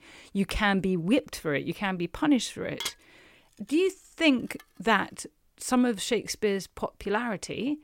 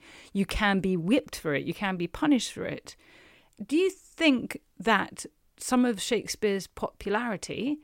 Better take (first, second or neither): second